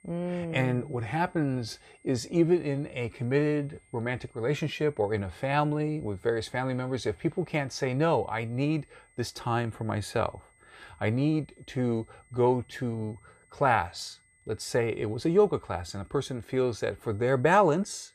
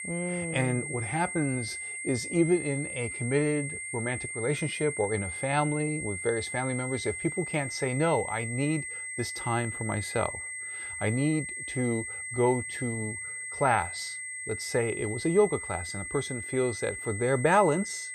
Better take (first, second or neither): first